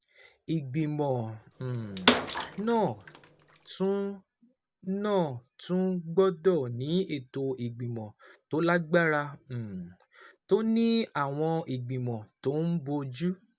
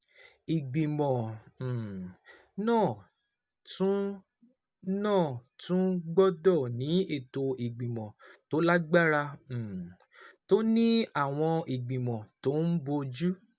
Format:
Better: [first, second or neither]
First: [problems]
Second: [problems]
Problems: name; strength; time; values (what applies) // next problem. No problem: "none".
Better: second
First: background sound (Bathtub (filling or washing) / Water / Splash, splatter); 2 dB below the speech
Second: none